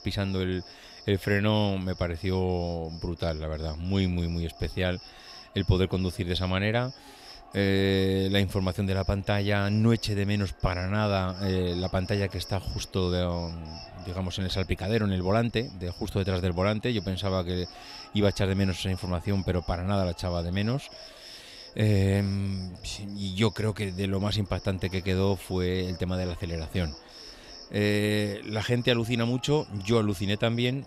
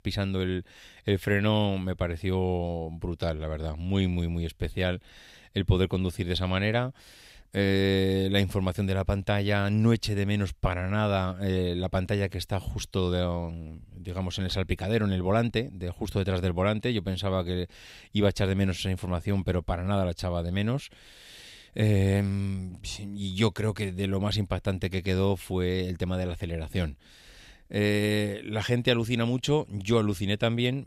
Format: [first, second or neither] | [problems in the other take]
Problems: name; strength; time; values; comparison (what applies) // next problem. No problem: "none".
second | animal sounds; noticeable; throughout; 15 dB below the speech